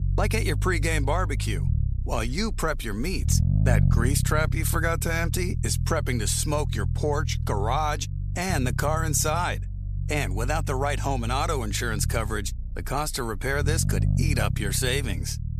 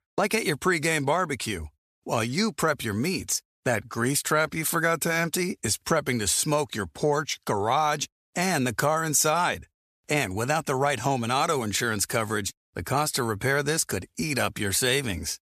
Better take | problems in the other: second | low rumble; noticeable; throughout; 15 dB below the speech

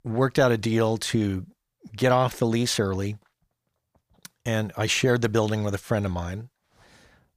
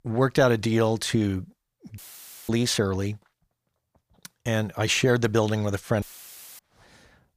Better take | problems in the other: first | audio cutting out; filled with static; at 2 s for 0.5 s and at 6 s for 0.5 s

